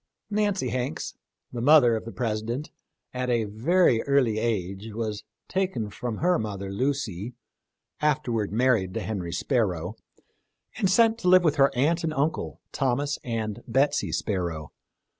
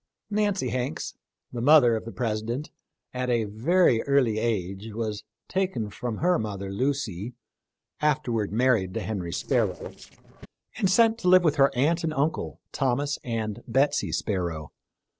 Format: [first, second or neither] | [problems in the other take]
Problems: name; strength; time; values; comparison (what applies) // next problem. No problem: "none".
first | noise reduction (neural separator model SepFormer DNS4)